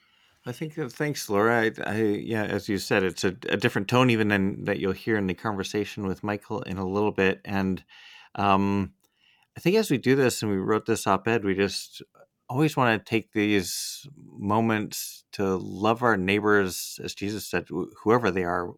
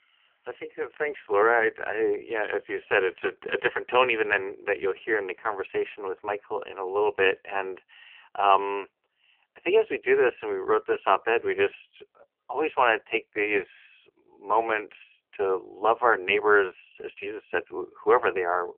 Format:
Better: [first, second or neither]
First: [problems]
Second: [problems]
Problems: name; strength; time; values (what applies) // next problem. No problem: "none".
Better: first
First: none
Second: phone-call audio; poor line; nothing above 3 kHz